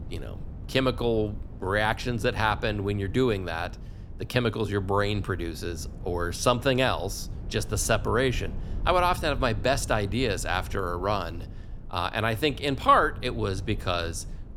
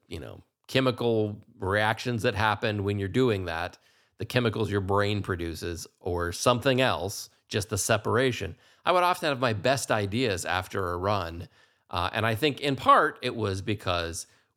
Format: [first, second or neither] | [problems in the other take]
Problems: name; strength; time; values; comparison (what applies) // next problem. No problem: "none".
second | wind noise on the microphone; occasional gusts; 25 dB below the speech